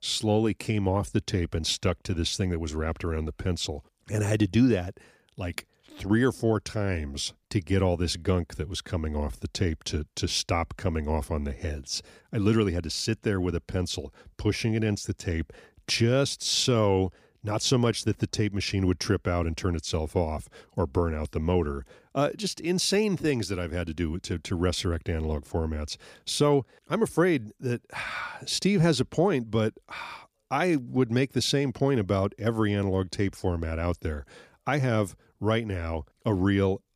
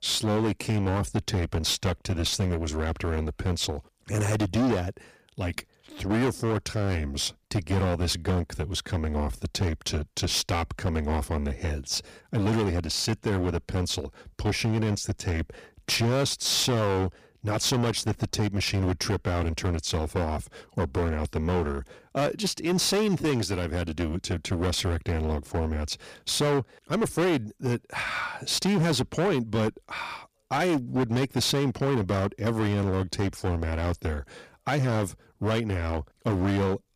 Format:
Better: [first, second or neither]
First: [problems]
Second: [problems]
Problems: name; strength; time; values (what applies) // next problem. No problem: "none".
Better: first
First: none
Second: distortion; heavy; 16% of the sound clipped